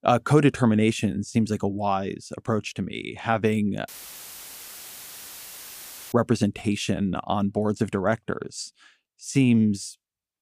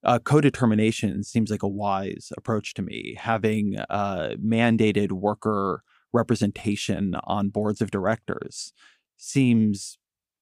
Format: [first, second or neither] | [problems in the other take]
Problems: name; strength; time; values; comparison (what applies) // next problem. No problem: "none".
second | audio cutting out; filled with static; at 4 s for 2 s